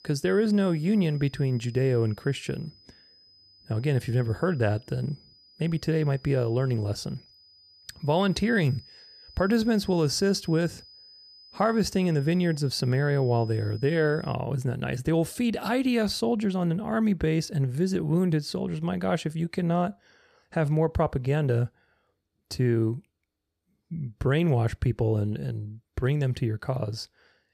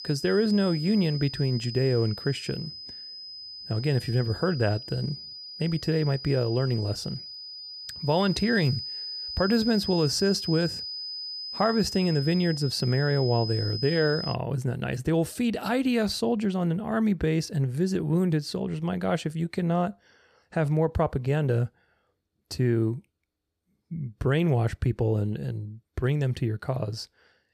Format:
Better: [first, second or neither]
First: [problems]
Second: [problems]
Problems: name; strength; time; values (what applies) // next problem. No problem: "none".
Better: first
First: high-pitched whine; faint; until 14 s; 5 kHz, 25 dB below the speech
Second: high-pitched whine; loud; until 14 s; 5 kHz, 8 dB below the speech